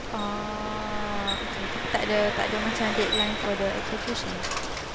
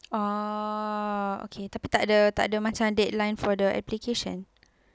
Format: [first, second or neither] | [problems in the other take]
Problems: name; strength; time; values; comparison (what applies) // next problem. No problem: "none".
second | background sound (Engine + Bicycle); as loud as the speech